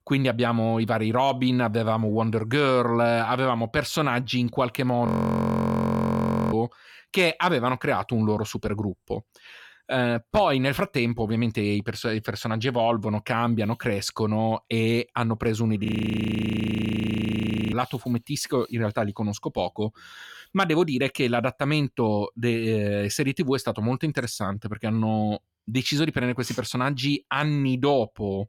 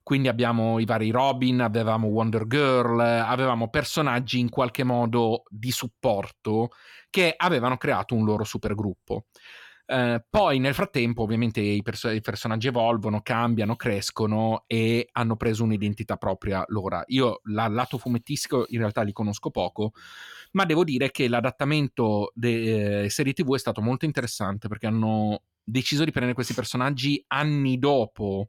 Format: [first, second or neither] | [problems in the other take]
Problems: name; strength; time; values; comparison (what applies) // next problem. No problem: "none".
second | audio freezing; at 5 s for 1.5 s and at 16 s for 2 s